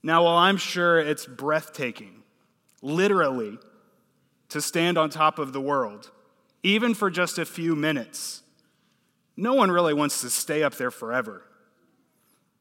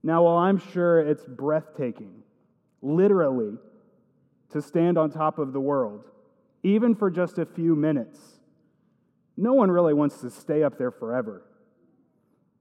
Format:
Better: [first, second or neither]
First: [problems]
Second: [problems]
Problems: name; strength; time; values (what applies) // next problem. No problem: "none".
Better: first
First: none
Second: muffled; very; fading above 1.5 kHz